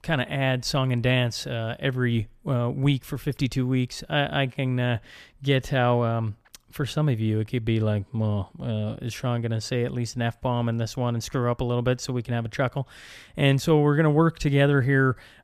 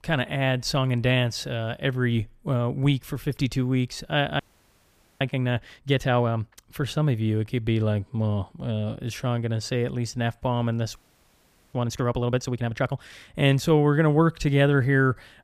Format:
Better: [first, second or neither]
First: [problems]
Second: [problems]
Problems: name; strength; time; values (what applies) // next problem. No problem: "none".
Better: first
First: none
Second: audio freezing; at 4.5 s for 1 s and at 11 s for 1 s